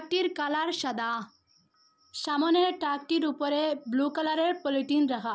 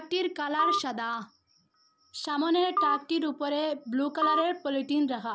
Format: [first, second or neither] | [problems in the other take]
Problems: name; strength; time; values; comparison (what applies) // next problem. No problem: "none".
first | background sound (Telephone); 3 dB below the speech